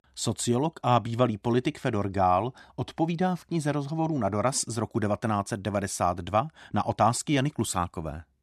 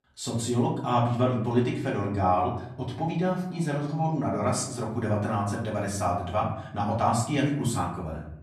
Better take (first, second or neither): first